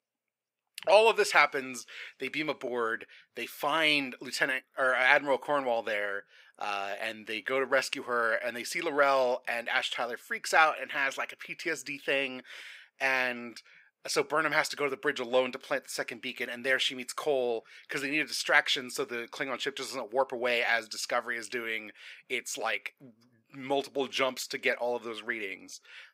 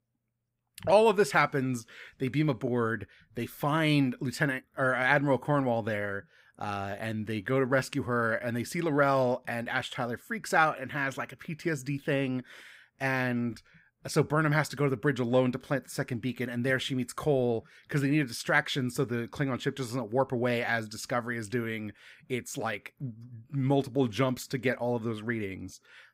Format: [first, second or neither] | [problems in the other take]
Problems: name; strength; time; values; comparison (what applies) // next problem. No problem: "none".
second | thin; somewhat; fading below 500 Hz